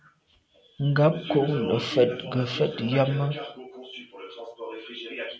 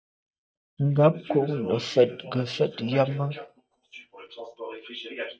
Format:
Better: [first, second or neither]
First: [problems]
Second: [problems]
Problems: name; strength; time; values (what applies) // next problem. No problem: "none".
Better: first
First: none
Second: noise reduction (neural mask model DeepFilterNet 3)